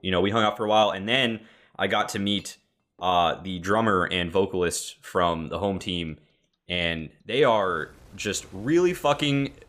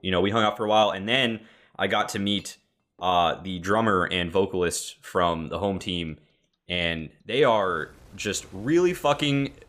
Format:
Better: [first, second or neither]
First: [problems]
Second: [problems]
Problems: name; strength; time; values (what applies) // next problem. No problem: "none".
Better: neither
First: household noises; faint; throughout; 30 dB below the speech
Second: household noises; faint; throughout; 30 dB below the speech